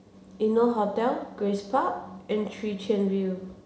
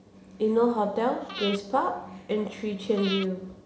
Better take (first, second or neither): first